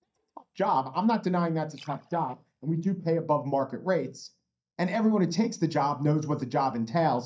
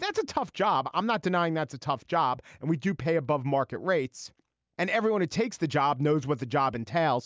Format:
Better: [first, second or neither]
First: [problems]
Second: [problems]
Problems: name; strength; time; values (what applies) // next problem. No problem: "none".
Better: second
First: noise reduction (neural mask model DeepFilterNet 3)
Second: none